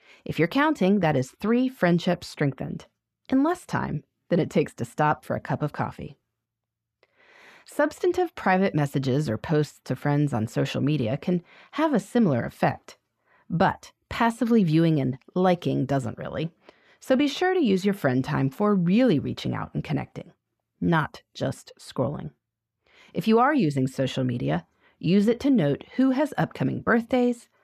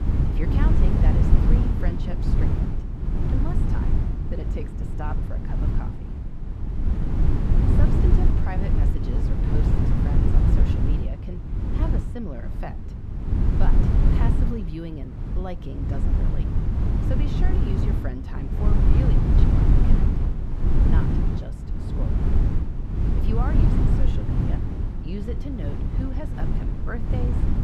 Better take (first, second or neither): first